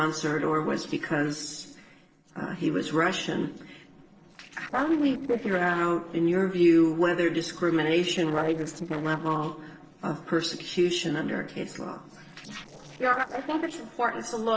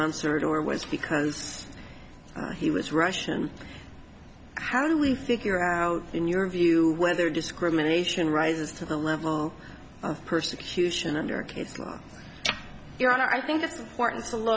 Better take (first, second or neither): second